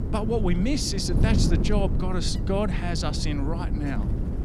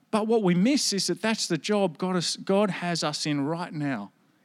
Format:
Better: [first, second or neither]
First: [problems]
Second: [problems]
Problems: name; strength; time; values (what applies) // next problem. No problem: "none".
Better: second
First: wind noise on the microphone; heavy; 7 dB below the speech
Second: none